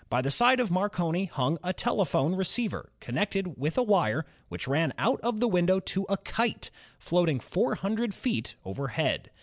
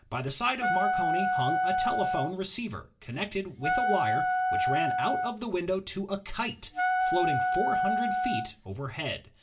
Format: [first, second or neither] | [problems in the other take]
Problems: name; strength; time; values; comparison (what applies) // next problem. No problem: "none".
first | background sound (Wind instrument, woodwind instrument); 5 dB above the speech // room echo; dies away in 0.2 s